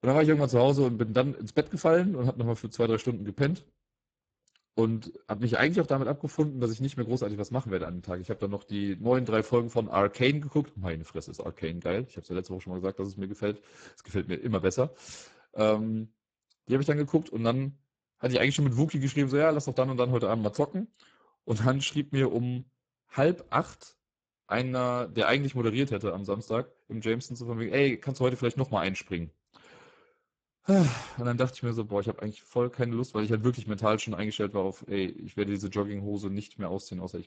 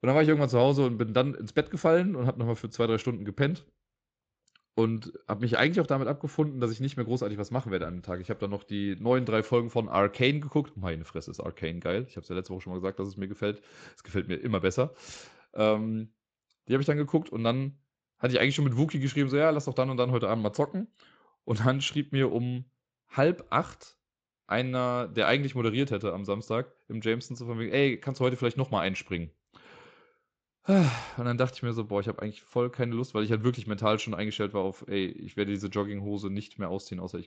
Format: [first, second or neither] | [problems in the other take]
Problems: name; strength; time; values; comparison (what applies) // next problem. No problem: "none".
second | garbled, watery; badly; nothing above 7.5 kHz; slightly in the second